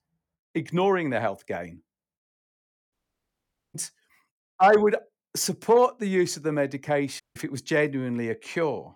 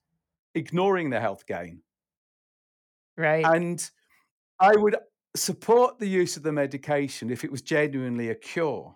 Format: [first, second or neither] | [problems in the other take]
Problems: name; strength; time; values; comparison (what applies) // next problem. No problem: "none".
second | audio cutting out; at 3 s for 1 s and at 7 s